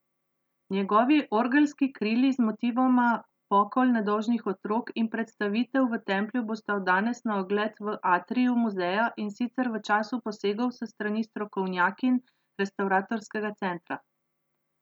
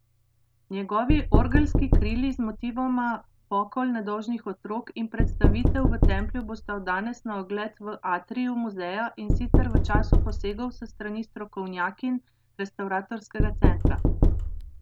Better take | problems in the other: first | background sound (Knock); 5 dB above the speech

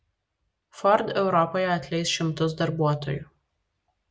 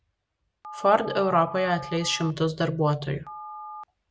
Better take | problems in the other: first | background sound (Telephone); 15 dB below the speech

